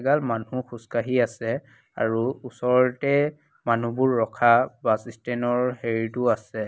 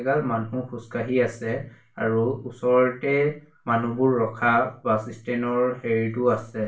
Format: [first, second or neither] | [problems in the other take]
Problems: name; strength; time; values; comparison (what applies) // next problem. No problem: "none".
first | room echo; dies away in 0.3 s